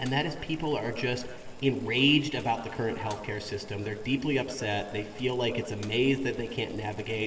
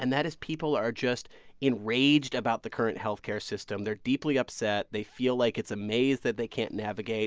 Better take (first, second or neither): second